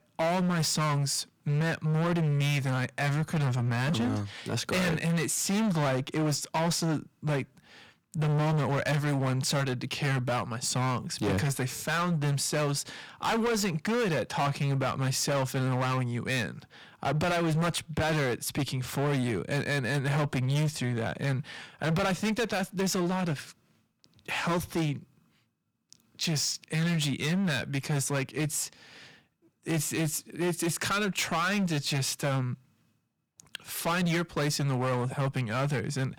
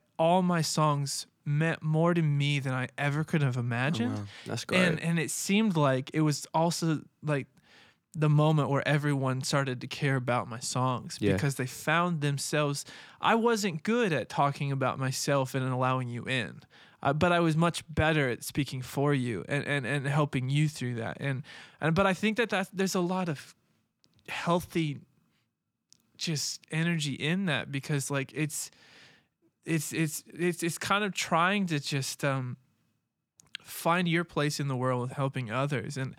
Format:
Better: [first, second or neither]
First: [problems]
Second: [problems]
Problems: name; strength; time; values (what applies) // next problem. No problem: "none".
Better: second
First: distortion; heavy; 20% of the sound clipped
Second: none